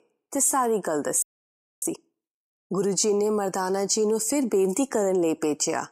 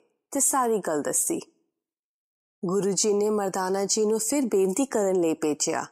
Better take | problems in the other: second | audio freezing; at 1 s for 0.5 s

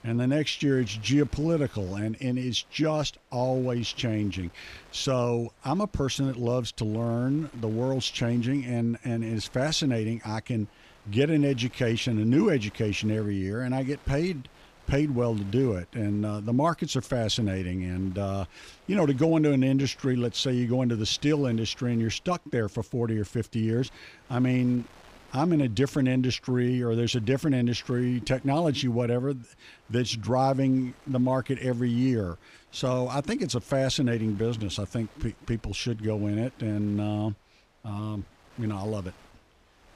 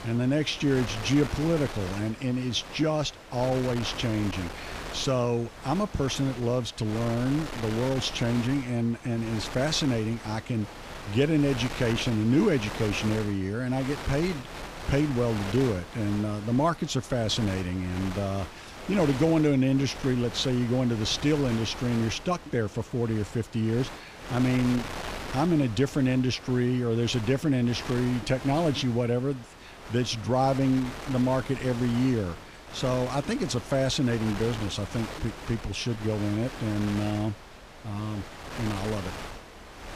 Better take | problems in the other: first | wind noise on the microphone; heavy; 9 dB below the speech; occasional gusts in the first

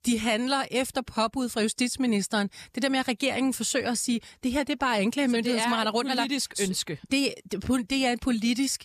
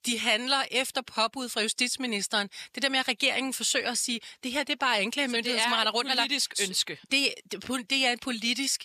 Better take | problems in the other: first | thin; very slightly; fading below 550 Hz

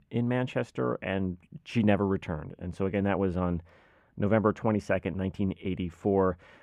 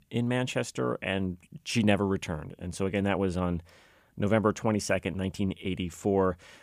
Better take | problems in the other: second | muffled; very; fading above 3.5 kHz

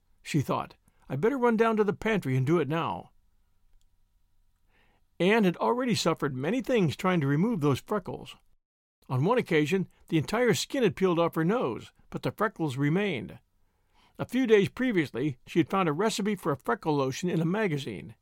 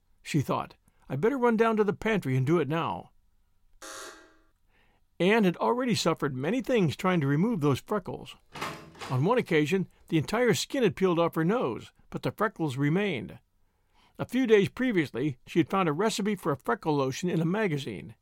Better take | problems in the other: first | alarm; faint; at 4 s; peak 15 dB below the speech // door banging; faint; at 8.5 s; peak 10 dB below the speech

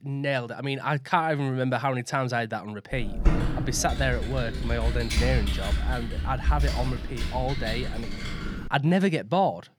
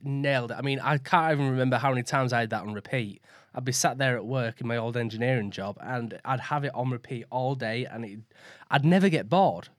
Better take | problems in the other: second | keyboard typing; loud; from 3 to 8.5 s; peak 2 dB above the speech

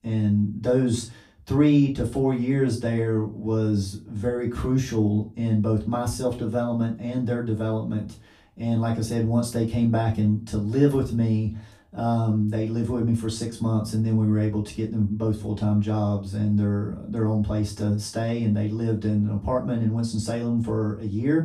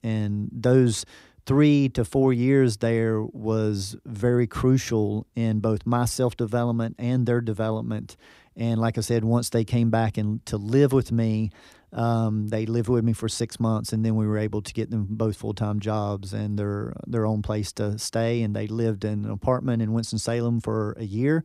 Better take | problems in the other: second | off-mic speech; far // room echo; slight; dies away in 0.2 s

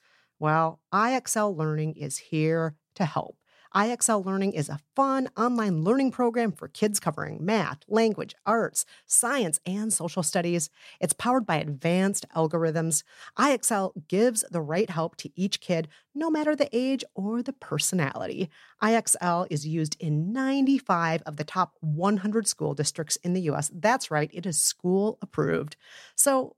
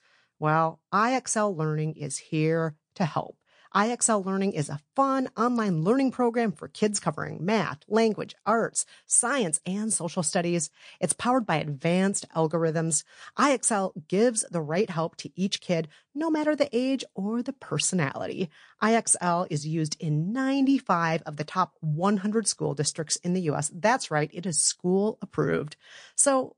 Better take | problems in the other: first | garbled, watery; slightly; nothing above 9.5 kHz

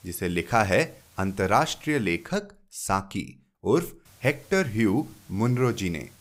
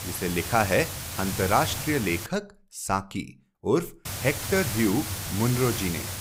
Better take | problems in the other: first | hiss; loud; until 2.5 s and from 4 s on; 5 dB below the speech; faint in the first

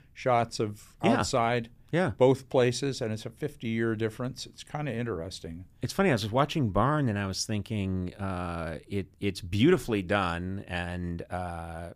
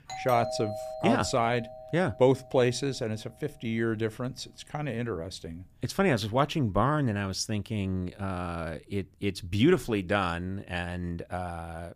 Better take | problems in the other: first | doorbell; noticeable; until 3 s; peak 5 dB below the speech

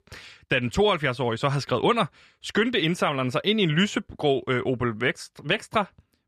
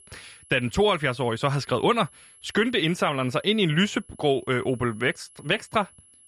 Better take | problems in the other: first | high-pitched whine; faint; throughout; 11 kHz, 25 dB below the speech

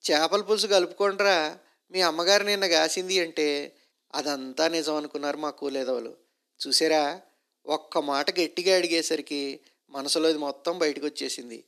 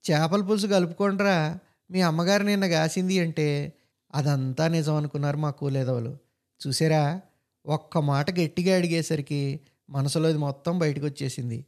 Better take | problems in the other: second | thin; very; fading below 300 Hz

